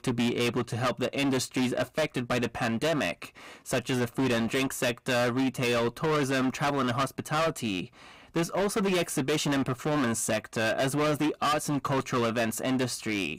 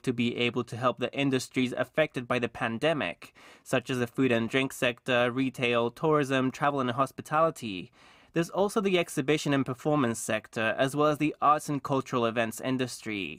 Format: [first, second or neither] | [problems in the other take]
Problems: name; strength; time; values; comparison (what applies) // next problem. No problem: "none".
second | distortion; heavy; 22% of the sound clipped